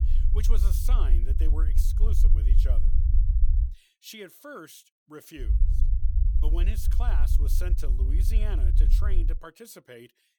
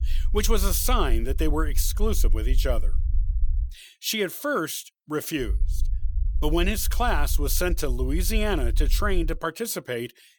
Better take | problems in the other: second | low rumble; loud; until 3.5 s and from 5.5 to 9.5 s; 4 dB below the speech; faint in the second

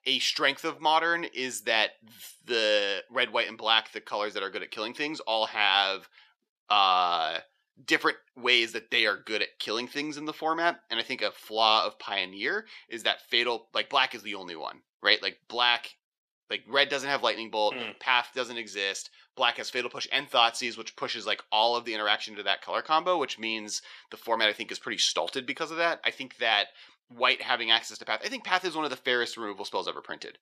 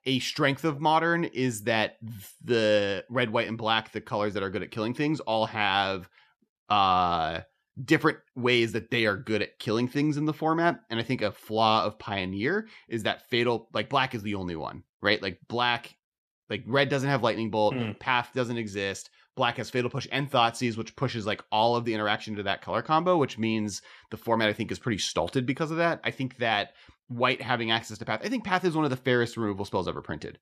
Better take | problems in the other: second | thin; somewhat; fading below 450 Hz

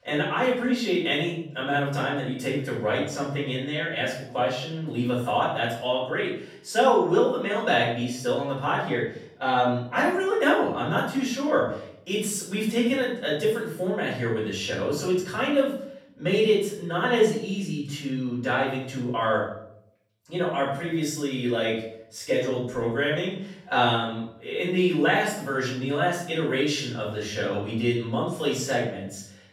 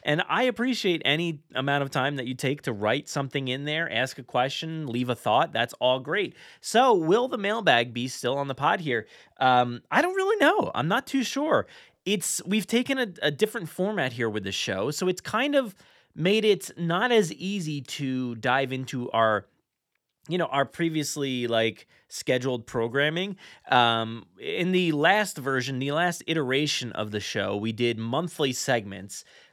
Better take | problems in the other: second | room echo; noticeable; dies away in 0.6 s // off-mic speech; far

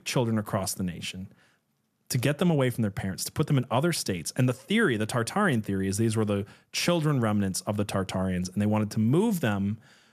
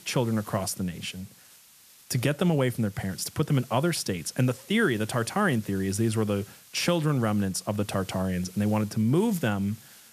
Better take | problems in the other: first | hiss; faint; throughout; 20 dB below the speech

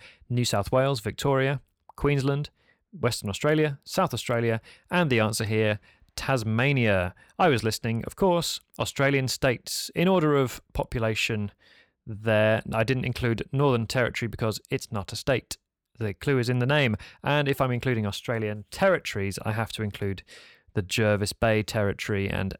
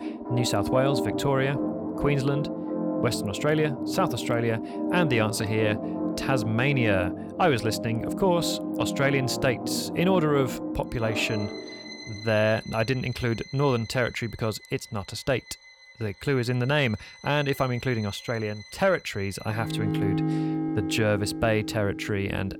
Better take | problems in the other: first | background music; loud; throughout; 4 dB below the speech

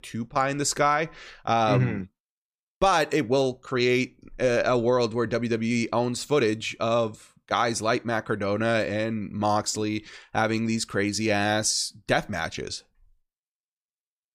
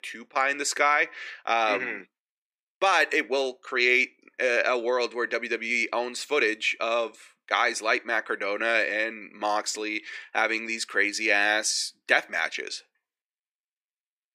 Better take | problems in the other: first | thin; very; fading below 300 Hz

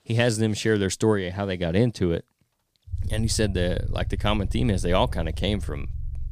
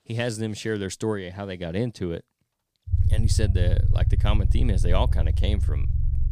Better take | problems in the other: first | low rumble; loud; from 3 s on; 9 dB below the speech; faint in the first

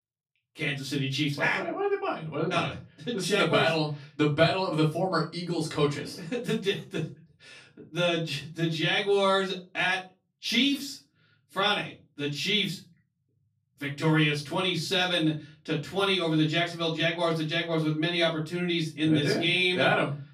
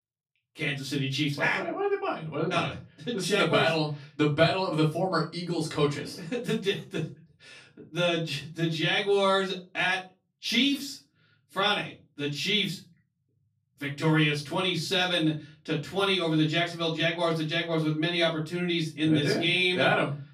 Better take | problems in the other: neither | room echo; slight; dies away in 0.3 s; the same in both // off-mic speech; far; the same in both

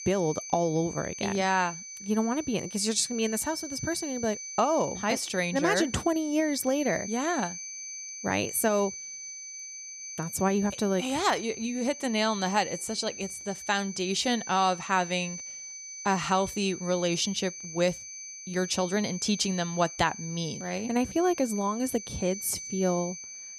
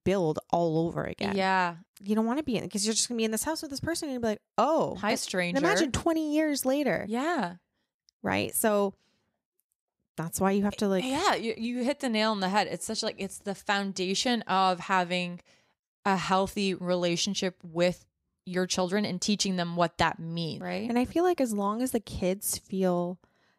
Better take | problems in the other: second | high-pitched whine; loud; throughout; 6 kHz, 10 dB below the speech

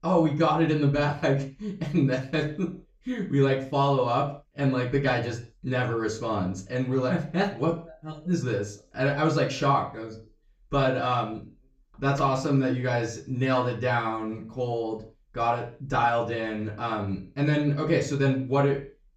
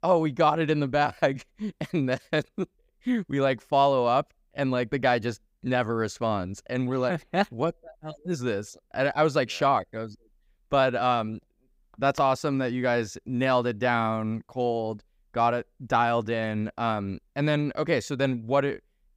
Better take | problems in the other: second | room echo; slight; dies away in 0.3 s // off-mic speech; far

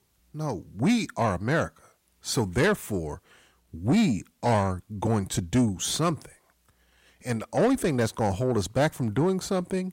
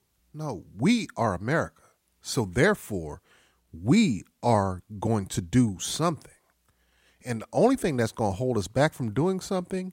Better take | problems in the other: second | distortion; slight; 10 dB below the speech

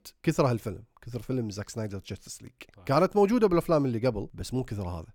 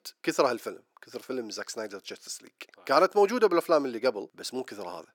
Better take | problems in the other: first | thin; somewhat; fading below 350 Hz

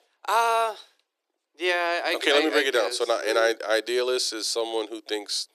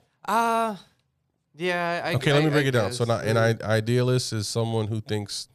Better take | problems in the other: second | thin; very; fading below 300 Hz

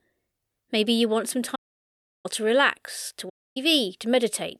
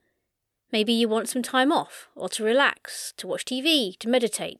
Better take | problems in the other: second | audio cutting out; at 1.5 s for 0.5 s and at 3.5 s

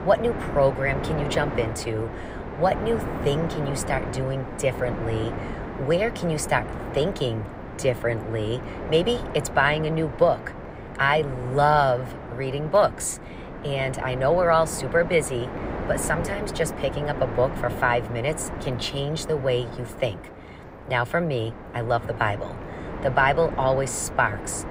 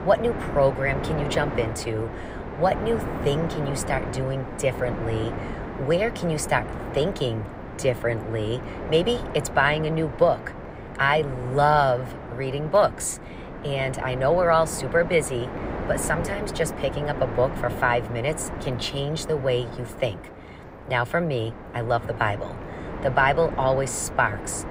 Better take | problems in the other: neither | wind noise on the microphone; occasional gusts; 10 dB below the speech; the same in both

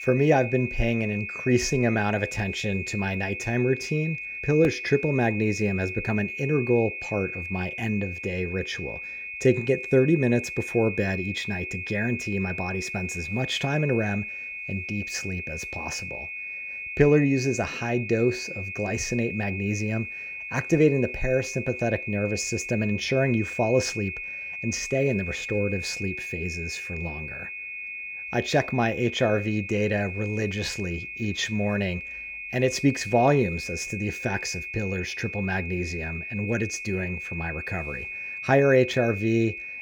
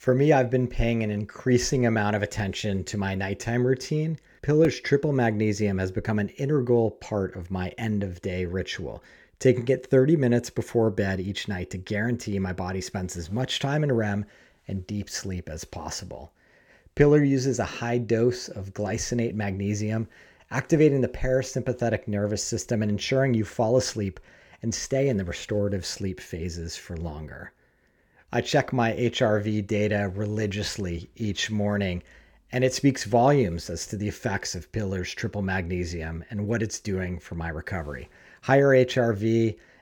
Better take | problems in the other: second | high-pitched whine; loud; throughout; 2.5 kHz, 7 dB below the speech

